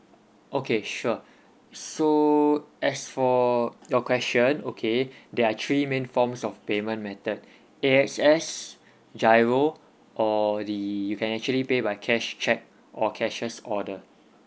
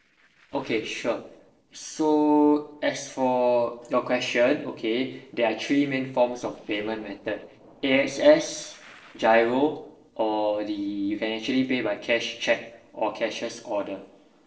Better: first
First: none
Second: noise reduction (neural separator model SepFormer DNS4)

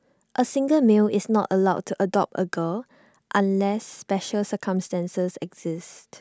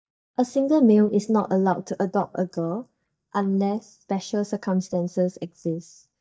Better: first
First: none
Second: noise reduction (neural mask model DeepFilterNet 3)

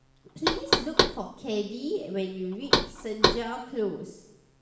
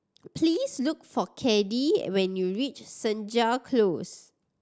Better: second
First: background sound (Knock); 4 dB above the speech // room echo; dies away in 0.9 s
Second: none

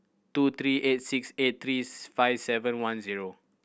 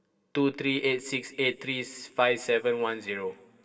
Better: first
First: none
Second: room echo; dies away in 2.8 s

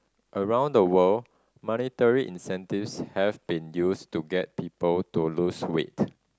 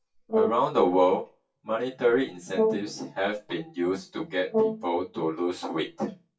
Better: first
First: none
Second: noise reduction (classical method WPE with log-MMSE)

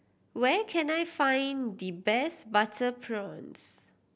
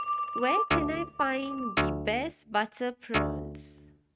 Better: first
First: none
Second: noise reduction (neural mask model RNNoise)

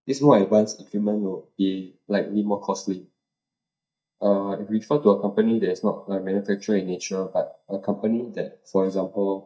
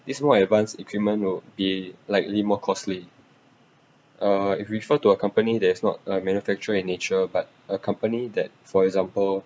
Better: second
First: noise reduction (neural mask model DeepFilterNet 3)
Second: none

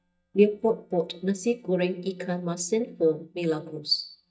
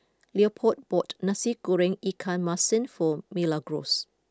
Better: second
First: noise reduction (neural mask model DeepFilterNet 3)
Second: none

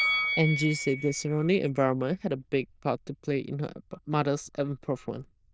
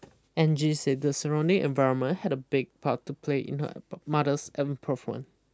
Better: second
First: noise reduction (neural diffusion model UNIVERSE++)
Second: none

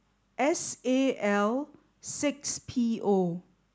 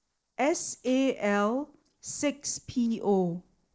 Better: first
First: none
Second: noise reduction (neural separator model SepFormer DNS4)

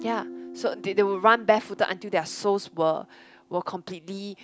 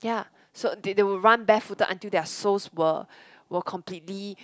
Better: second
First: background sound (Guitar); 18 dB below the speech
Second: none

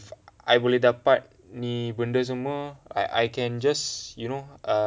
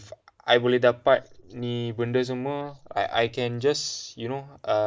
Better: first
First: none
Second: noise reduction (neural mask model Resemble Enhance denoiser)

